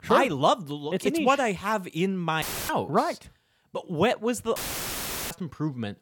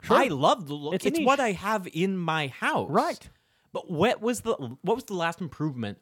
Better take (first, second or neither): second